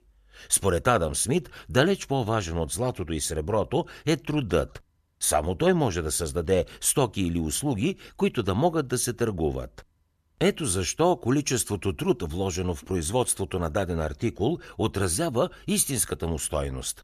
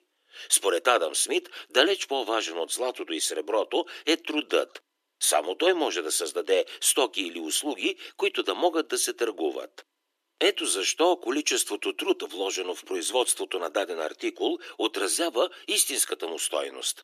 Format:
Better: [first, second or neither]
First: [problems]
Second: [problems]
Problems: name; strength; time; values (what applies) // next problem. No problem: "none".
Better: first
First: none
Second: thin; very; fading below 300 Hz